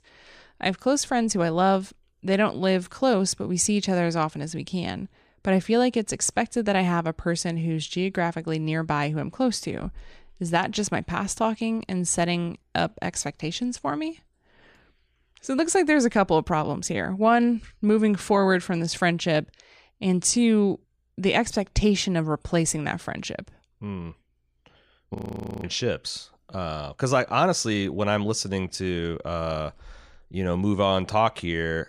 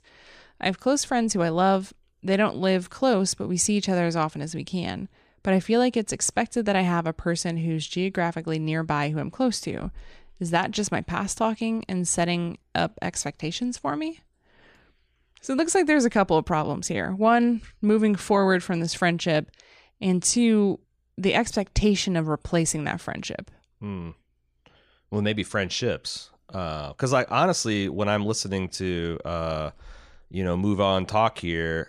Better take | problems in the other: second | audio freezing; at 25 s

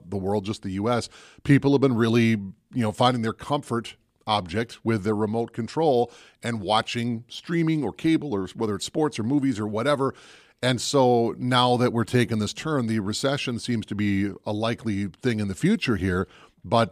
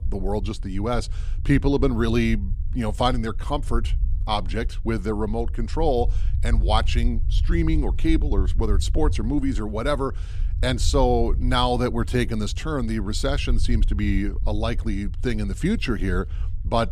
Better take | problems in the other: first | low rumble; faint; throughout; 20 dB below the speech

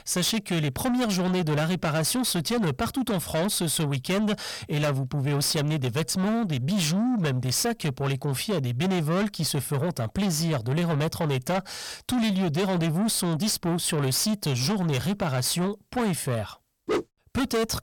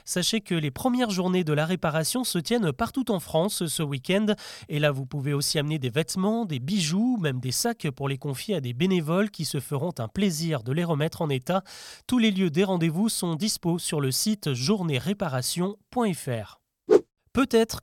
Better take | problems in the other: second | distortion; heavy; 7 dB below the speech

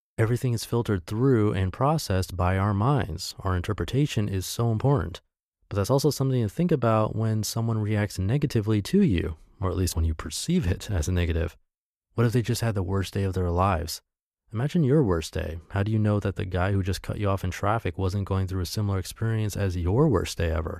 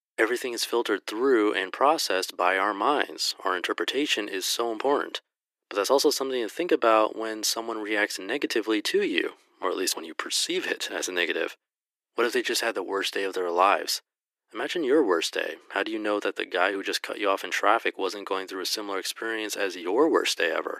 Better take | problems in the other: first | thin; very; fading below 300 Hz

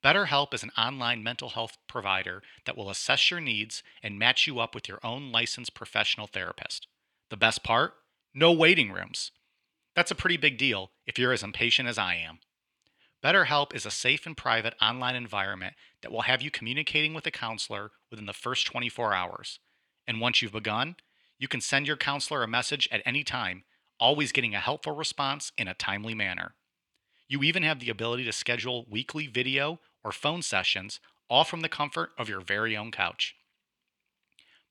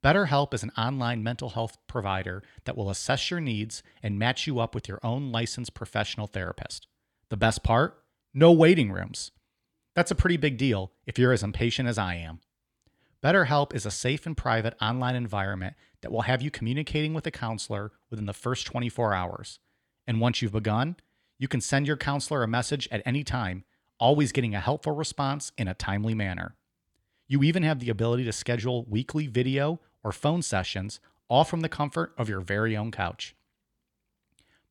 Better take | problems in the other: second | thin; somewhat; fading below 300 Hz

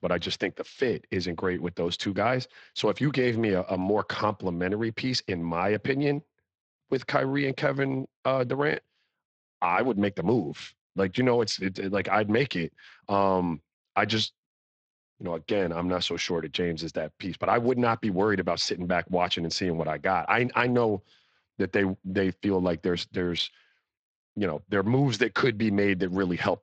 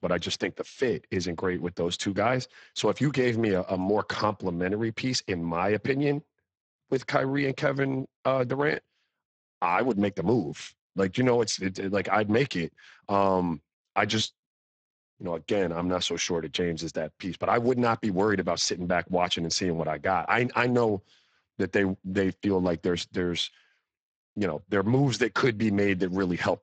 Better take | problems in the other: first | garbled, watery; badly; nothing above 7.5 kHz; slightly in the first

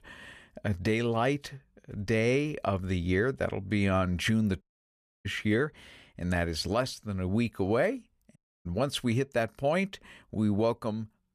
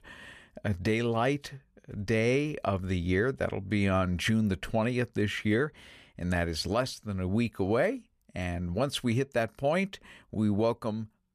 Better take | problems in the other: second | audio cutting out; at 4.5 s for 0.5 s and at 8.5 s

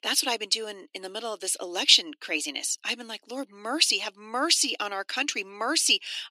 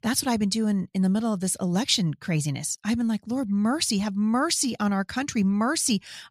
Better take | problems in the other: second | thin; very; fading below 300 Hz

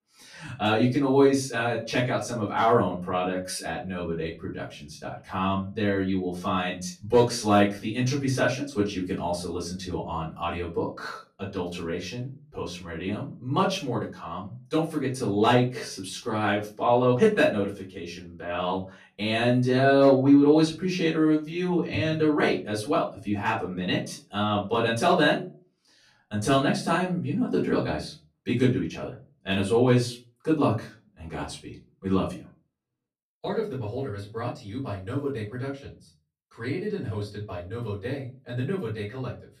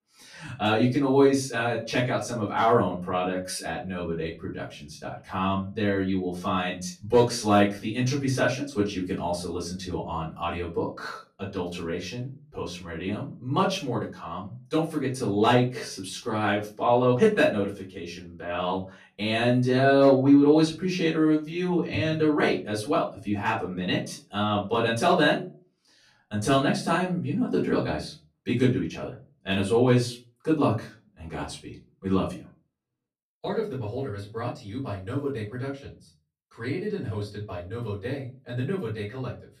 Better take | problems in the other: neither | off-mic speech; far; the same in both // room echo; slight; dies away in 0.3 s; the same in both

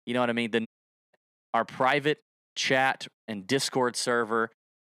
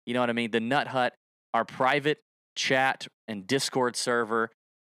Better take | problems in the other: second | audio cutting out; at 0.5 s

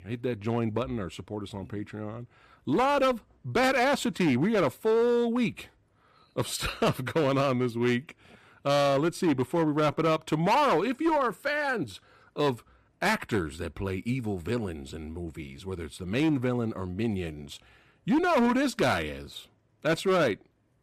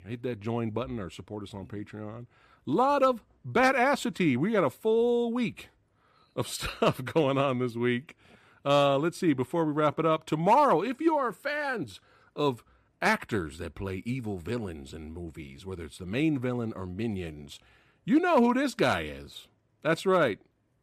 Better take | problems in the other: second | distortion; slight; 8% of the sound clipped

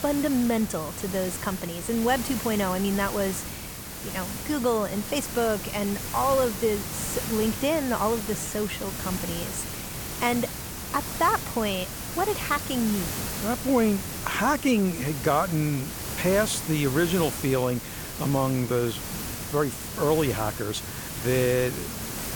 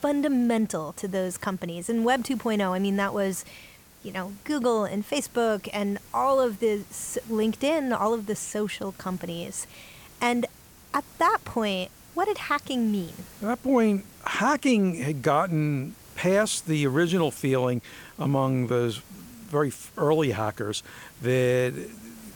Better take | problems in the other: second | hiss; loud; throughout; 6 dB below the speech; faint in the second

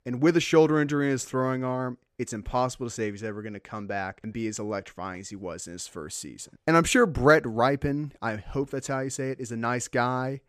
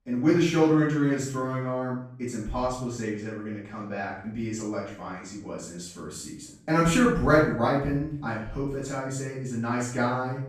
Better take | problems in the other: first | off-mic speech; far // room echo; noticeable; dies away in 0.6 s

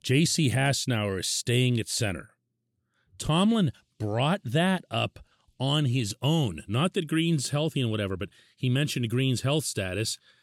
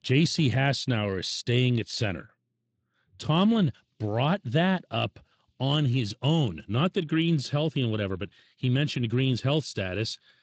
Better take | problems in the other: first | garbled, watery; slightly; nothing above 8 kHz

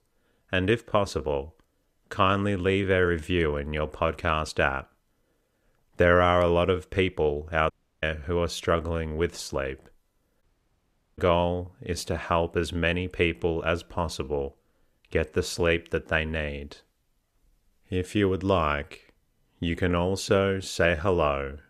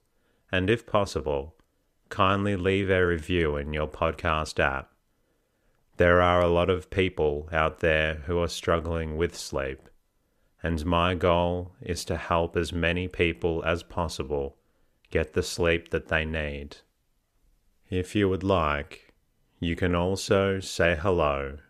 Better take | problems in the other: second | audio cutting out; at 7.5 s and at 10 s for 1 s

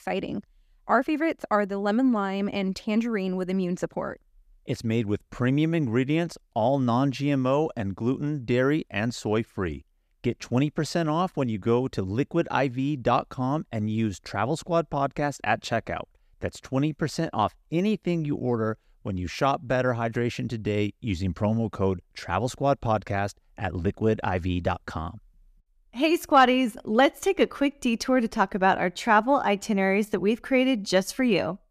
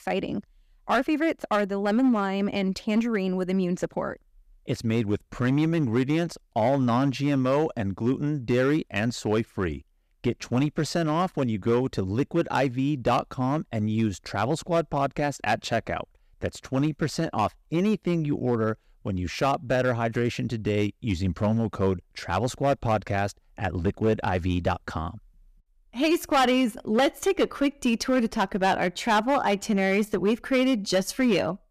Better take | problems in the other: first | distortion; slight; 4% of the sound clipped

